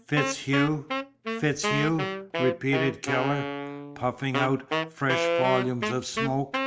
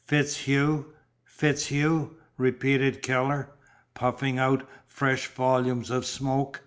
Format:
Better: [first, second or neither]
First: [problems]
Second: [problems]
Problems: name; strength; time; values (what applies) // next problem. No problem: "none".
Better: second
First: background sound (Wind instrument, woodwind instrument); 2 dB below the speech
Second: none